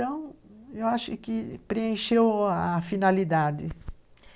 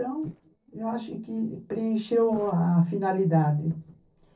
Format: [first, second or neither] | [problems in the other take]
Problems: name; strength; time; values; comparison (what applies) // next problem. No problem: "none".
first | noise reduction (neural separator model SepFormer DNS4)